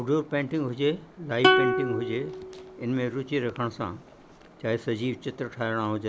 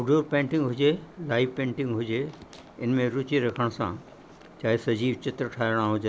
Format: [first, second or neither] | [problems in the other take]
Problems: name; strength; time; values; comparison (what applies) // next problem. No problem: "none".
second | background sound (Plucked string instrument); 1 dB above the speech